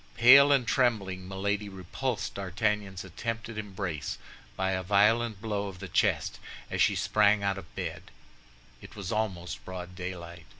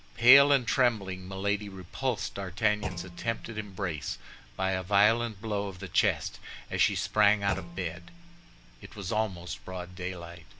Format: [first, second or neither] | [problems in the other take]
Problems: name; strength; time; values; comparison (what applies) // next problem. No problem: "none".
first | background sound (Thump, thud); 14 dB below the speech